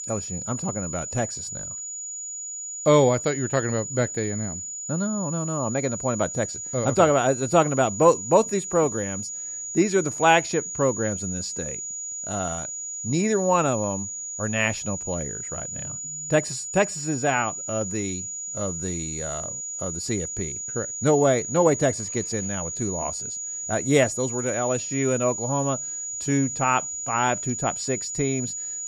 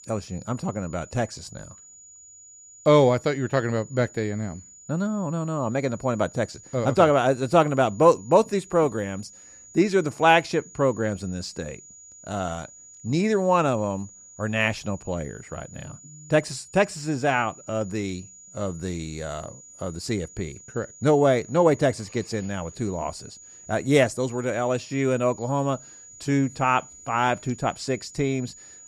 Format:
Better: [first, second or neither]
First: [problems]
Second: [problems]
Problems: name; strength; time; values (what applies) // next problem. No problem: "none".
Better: second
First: high-pitched whine; loud; throughout; 7 kHz, 5 dB below the speech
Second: high-pitched whine; faint; throughout; 7 kHz, 20 dB below the speech